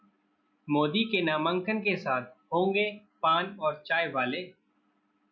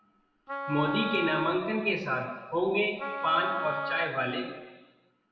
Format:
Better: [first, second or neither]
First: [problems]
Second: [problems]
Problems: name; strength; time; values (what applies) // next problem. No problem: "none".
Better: first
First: none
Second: background sound (Wind instrument, woodwind instrument); 6 dB below the speech // room echo; dies away in 1.2 s